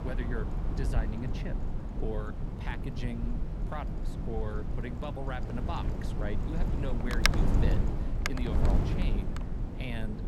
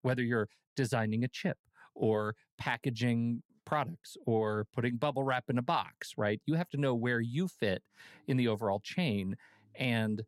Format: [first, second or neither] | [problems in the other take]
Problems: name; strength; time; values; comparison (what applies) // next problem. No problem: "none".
second | wind noise on the microphone; heavy; 2 dB above the speech